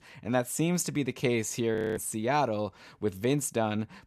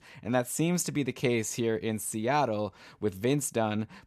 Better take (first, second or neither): second